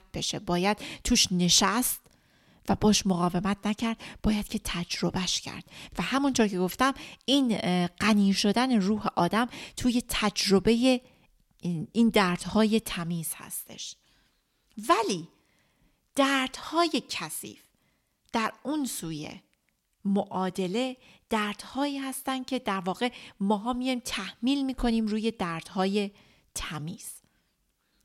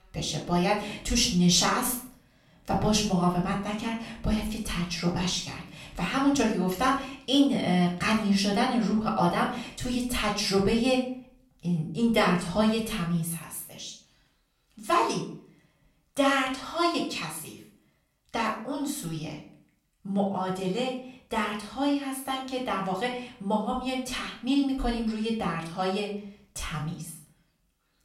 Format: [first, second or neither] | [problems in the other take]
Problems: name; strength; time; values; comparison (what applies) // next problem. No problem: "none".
first | off-mic speech; far // room echo; slight; dies away in 0.4 s